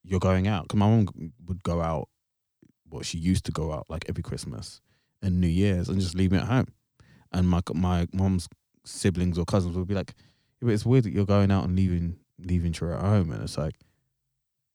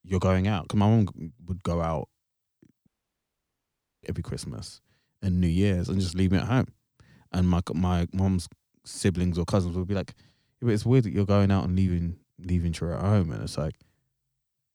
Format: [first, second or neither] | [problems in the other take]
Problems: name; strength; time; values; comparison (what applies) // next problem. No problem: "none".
first | audio cutting out; at 3 s for 1 s